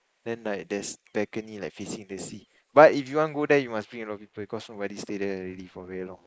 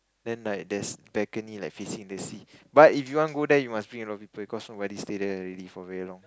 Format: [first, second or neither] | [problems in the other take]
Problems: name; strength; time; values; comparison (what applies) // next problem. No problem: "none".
second | noise reduction (neural mask model Resemble Enhance denoiser)